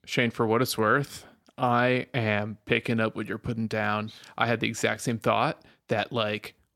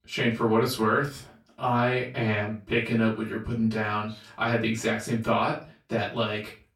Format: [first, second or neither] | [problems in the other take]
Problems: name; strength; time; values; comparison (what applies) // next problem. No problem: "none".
first | off-mic speech; far // room echo; slight; dies away in 0.3 s